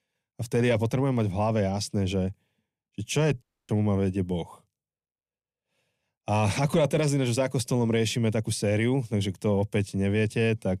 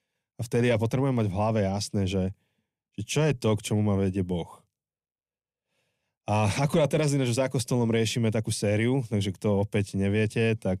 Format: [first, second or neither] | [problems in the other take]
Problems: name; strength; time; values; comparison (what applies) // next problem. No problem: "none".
second | audio cutting out; at 3.5 s